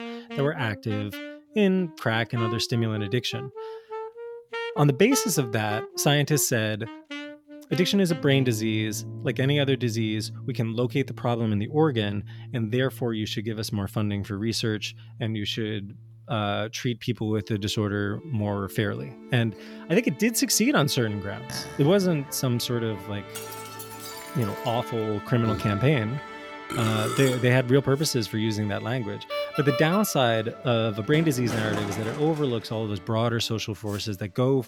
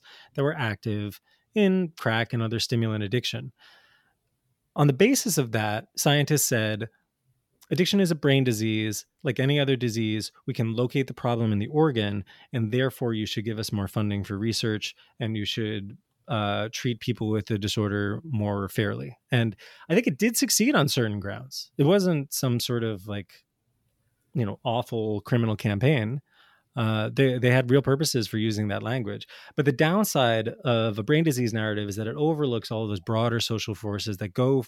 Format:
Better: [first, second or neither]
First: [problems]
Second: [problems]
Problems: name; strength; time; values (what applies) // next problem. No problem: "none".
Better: second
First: background music; noticeable; throughout; 10 dB below the speech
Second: none